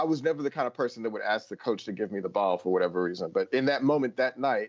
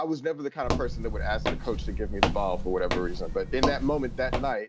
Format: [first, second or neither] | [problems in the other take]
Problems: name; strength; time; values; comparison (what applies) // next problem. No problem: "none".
first | background sound (Walk, footsteps); 1 dB above the speech